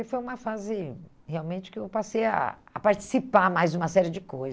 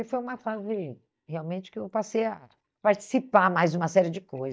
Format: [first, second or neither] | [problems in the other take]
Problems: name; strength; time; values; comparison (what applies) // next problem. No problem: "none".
first | noise reduction (neural mask model DeepFilterNet 3)